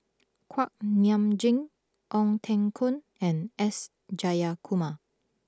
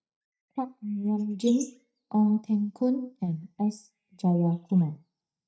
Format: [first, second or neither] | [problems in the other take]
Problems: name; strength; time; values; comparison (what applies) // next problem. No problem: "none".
first | noise reduction (neural mask model DeepFilterNet 3)